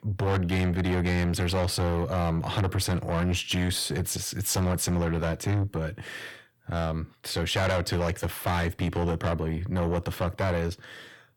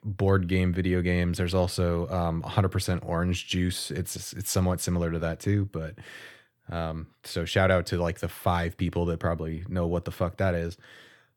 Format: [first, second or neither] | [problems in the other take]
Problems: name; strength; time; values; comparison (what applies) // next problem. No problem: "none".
second | distortion; heavy; 7 dB below the speech